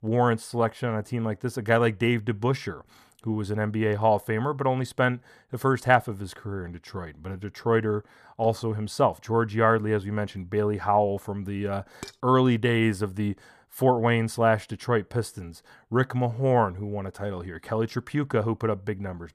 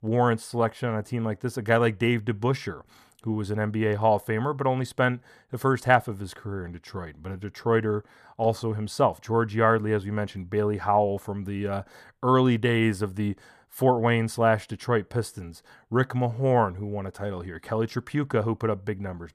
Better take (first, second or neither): second